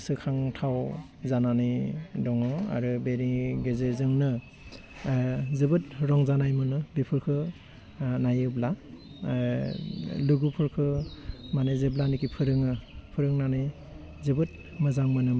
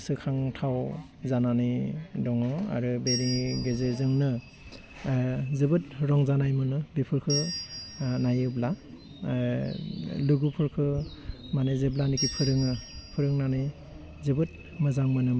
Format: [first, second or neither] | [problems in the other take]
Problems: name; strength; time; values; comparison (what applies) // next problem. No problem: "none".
first | background sound (Bell); 11 dB below the speech